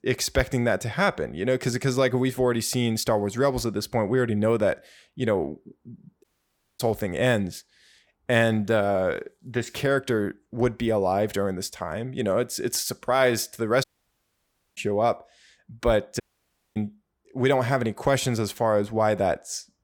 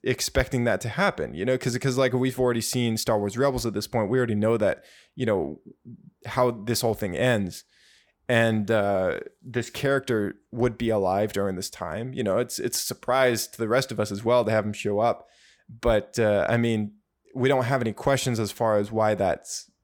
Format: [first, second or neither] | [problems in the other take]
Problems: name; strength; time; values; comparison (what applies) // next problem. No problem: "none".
second | audio cutting out; at 6 s for 0.5 s, at 14 s for 1 s and at 16 s for 0.5 s